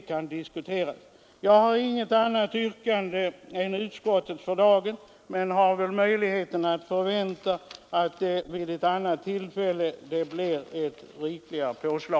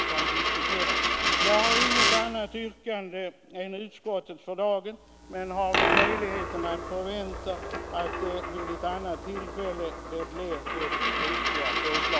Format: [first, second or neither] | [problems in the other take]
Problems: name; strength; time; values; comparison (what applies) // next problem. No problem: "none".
first | background sound (Coin (dropping)); 4 dB above the speech